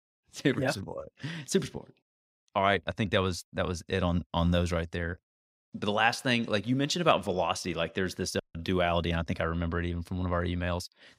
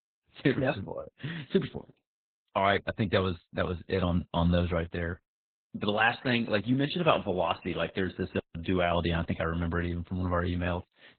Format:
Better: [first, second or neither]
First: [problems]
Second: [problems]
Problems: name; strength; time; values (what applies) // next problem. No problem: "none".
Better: first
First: none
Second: garbled, watery; badly; nothing above 4 kHz